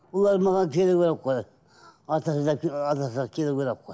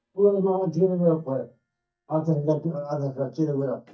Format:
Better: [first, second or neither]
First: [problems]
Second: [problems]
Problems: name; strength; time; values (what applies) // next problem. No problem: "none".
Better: first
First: none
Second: noise reduction (neural mask model DeepFilterNet 3)